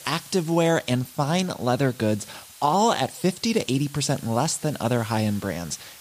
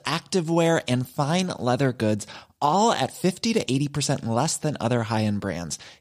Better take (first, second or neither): second